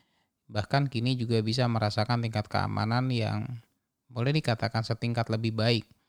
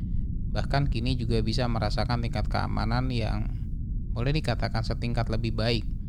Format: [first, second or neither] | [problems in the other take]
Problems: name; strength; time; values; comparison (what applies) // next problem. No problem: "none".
first | low rumble; noticeable; throughout; 15 dB below the speech